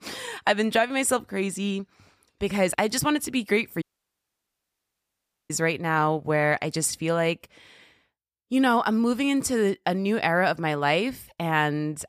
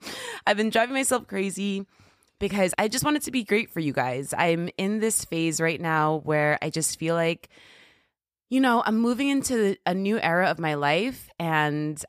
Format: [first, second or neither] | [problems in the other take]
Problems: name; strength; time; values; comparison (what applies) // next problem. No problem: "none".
second | audio cutting out; at 4 s for 1.5 s